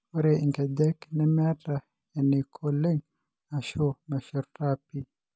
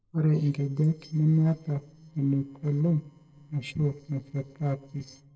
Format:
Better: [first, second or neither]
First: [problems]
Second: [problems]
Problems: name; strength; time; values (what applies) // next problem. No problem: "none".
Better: first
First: none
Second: noise reduction (neural separator model SepFormer DNS4)